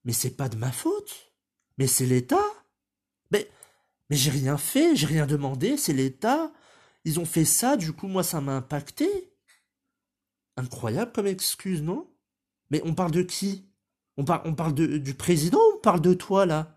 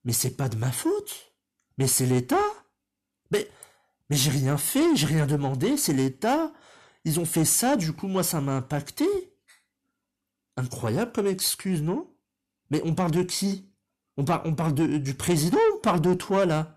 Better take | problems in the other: first | distortion; slight; 10 dB below the speech

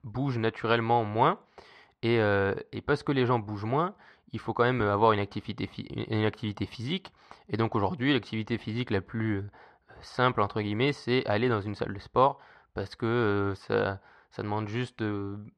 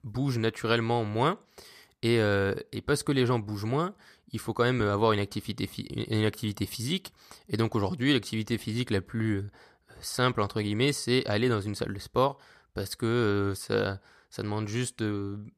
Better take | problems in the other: second | muffled; slightly; fading above 3 kHz

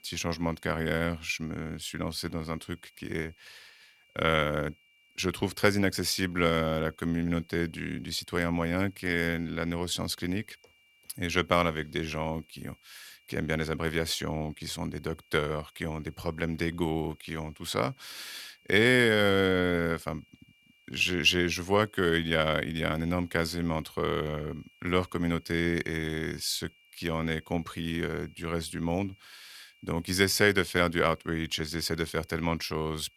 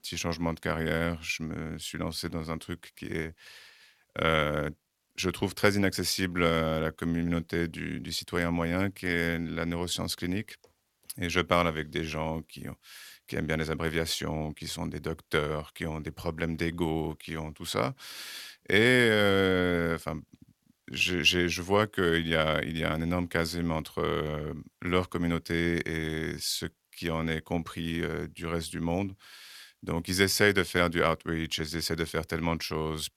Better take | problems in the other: second | high-pitched whine; faint; throughout; 2.5 kHz, 30 dB below the speech

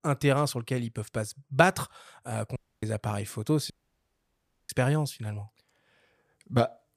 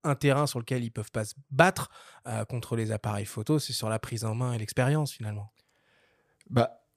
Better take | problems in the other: second | audio cutting out; at 2.5 s and at 3.5 s for 1 s

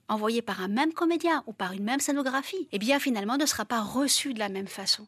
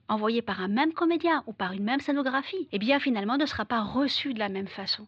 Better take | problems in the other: first | muffled; very slightly; fading above 4 kHz

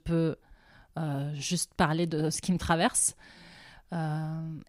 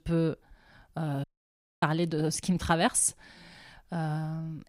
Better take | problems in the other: first | audio cutting out; at 1 s for 0.5 s

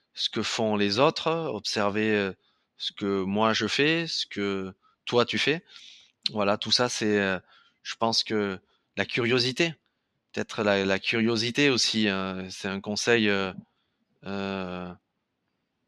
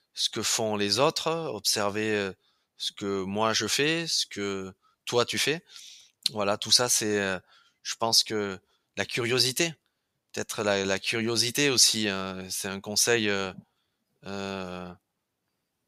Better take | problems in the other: second | muffled; very slightly; fading above 3.5 kHz

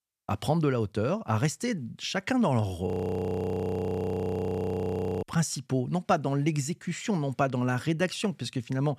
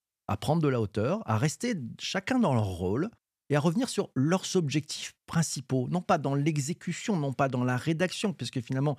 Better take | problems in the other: second | audio freezing; at 3 s for 2.5 s

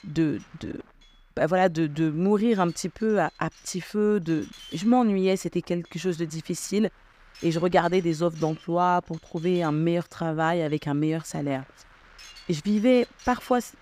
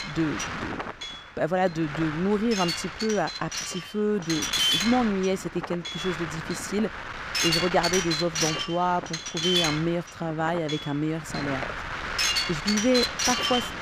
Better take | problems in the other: first | wind noise on the microphone; heavy; 2 dB above the speech; occasional gusts in the first

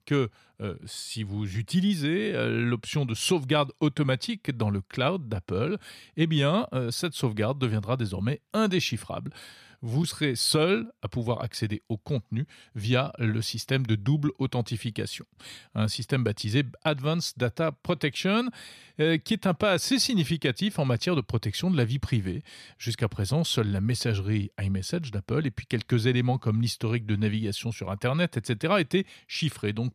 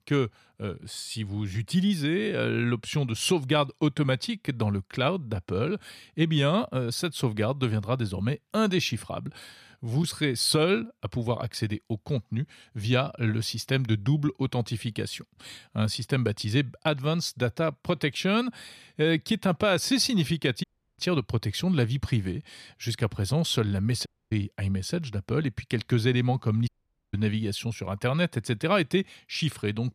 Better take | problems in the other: first | audio cutting out; at 21 s, at 24 s and at 27 s

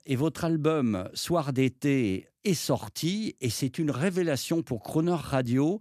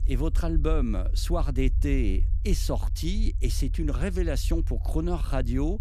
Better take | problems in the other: first | low rumble; noticeable; throughout; 15 dB below the speech

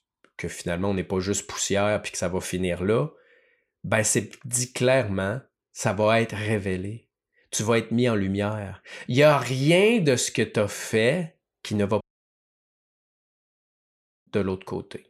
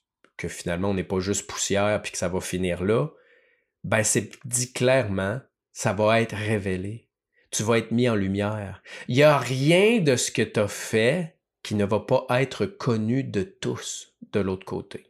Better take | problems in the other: second | audio cutting out; at 12 s for 2.5 s

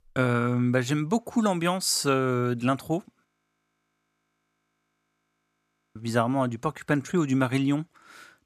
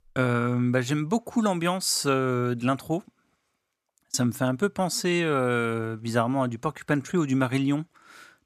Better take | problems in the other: second | audio freezing; at 3.5 s for 2.5 s

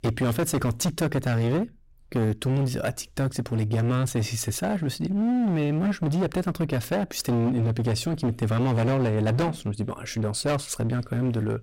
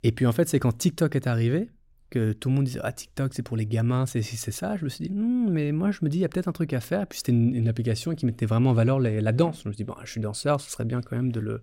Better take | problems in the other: second | distortion; heavy; 23% of the sound clipped

